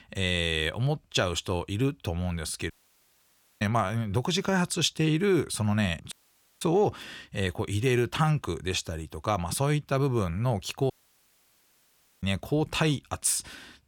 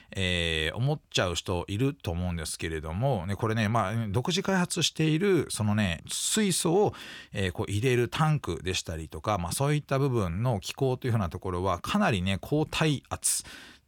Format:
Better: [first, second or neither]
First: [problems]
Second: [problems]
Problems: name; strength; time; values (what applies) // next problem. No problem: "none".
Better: second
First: audio cutting out; at 2.5 s for 1 s, at 6 s and at 11 s for 1.5 s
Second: none